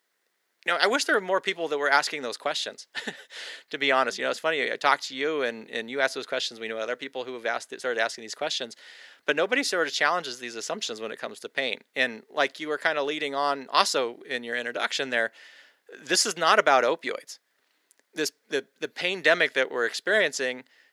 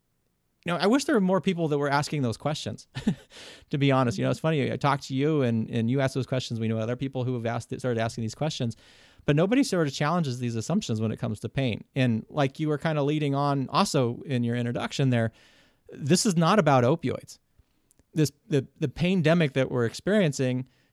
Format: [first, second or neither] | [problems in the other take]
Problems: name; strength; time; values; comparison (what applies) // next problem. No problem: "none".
second | thin; very; fading below 400 Hz